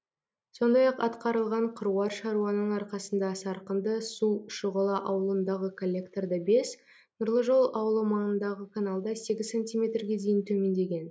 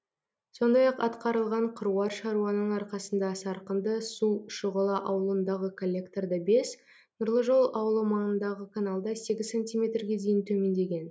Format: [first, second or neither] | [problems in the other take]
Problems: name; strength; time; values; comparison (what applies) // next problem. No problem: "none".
second | noise reduction (neural mask model Resemble Enhance denoiser)